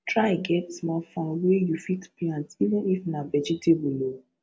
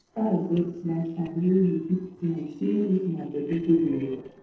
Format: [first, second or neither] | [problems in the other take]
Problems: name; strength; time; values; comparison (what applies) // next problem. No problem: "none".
first | noise reduction (neural separator model SepFormer DNS4)